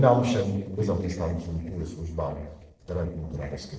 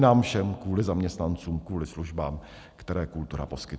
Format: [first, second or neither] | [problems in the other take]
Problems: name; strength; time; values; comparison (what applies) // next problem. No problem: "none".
second | noise reduction (neural separator model SepFormer DNS4)